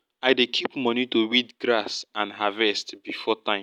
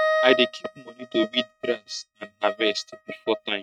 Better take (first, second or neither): first